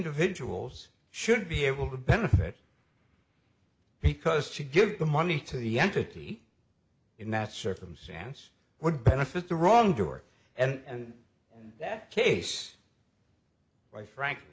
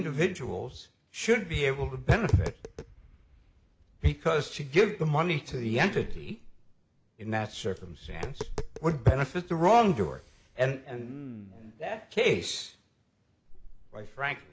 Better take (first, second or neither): first